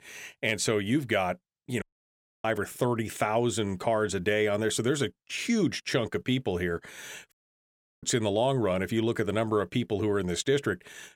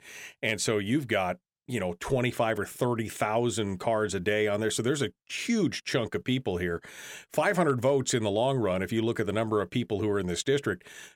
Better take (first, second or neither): second